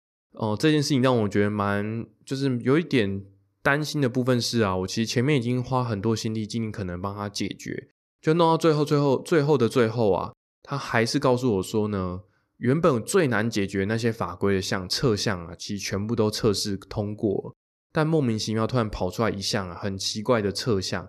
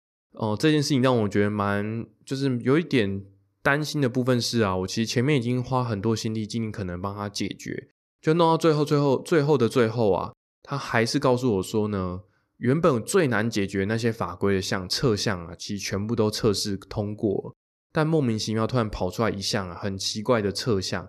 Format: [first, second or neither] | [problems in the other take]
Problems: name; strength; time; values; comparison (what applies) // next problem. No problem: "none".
neither | none